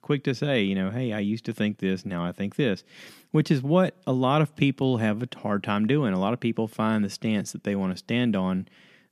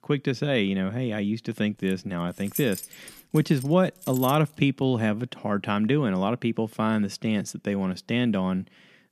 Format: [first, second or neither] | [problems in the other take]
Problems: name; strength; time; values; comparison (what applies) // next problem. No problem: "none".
first | jangling keys; noticeable; from 2 to 4.5 s; peak 8 dB below the speech